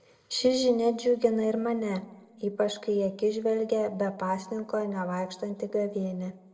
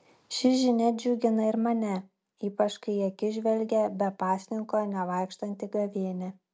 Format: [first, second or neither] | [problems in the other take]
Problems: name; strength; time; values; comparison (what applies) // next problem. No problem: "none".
second | room echo; dies away in 0.6 s